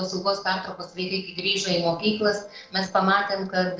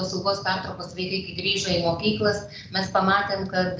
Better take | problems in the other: second | noise reduction (neural separator model SepFormer DNS4)

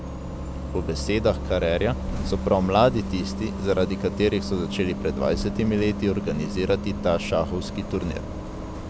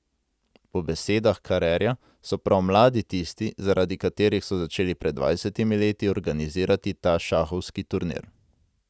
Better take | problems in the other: second | background sound (Bus); 5 dB below the speech

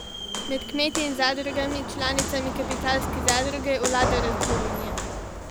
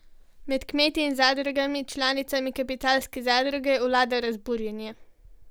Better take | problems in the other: second | background sound (Walk, footsteps); 1 dB below the speech

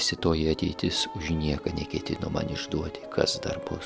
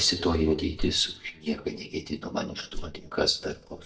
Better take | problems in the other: first | noise reduction (neural mask model DeepFilterNet 3)

